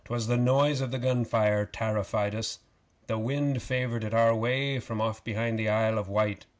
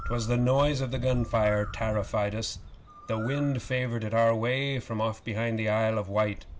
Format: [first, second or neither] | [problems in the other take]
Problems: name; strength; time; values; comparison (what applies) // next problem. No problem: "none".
first | background sound (Bird); 12 dB below the speech